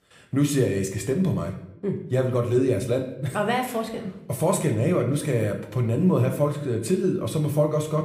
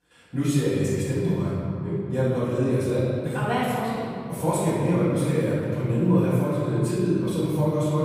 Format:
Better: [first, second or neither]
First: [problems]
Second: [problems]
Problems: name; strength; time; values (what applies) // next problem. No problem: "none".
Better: first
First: room echo; slight; dies away in 0.6 s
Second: room echo; strong; dies away in 2.1 s // off-mic speech; far